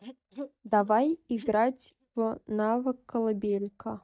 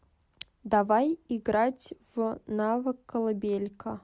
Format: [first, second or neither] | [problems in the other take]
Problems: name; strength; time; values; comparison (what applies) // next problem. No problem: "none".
second | noise reduction (neural mask model DeepFilterNet 3)